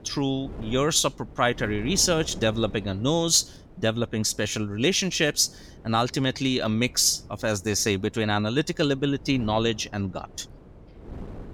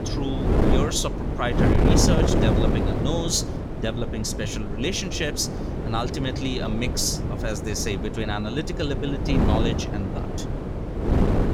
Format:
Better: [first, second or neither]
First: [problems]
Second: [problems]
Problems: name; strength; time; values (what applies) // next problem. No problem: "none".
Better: first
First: wind noise on the microphone; occasional gusts; 25 dB below the speech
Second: wind noise on the microphone; heavy; 1 dB below the speech